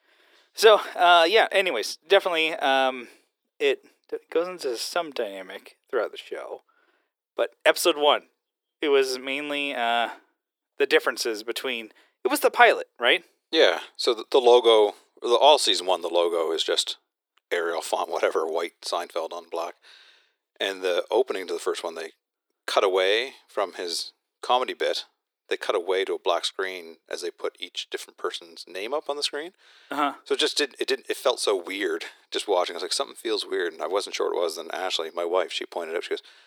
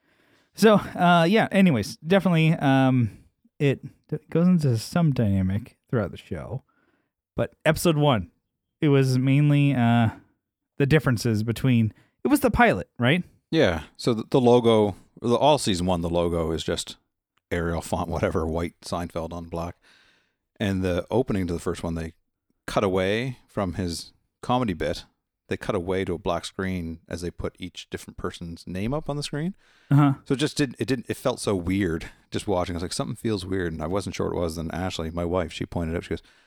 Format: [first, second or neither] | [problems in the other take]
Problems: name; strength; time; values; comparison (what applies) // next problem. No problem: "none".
second | thin; very; fading below 350 Hz